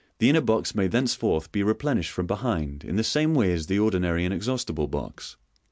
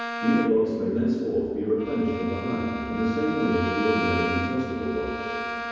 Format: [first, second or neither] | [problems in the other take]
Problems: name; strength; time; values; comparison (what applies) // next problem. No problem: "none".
first | background sound (Bowed string instrument); 7 dB below the speech // room echo; dies away in 2.2 s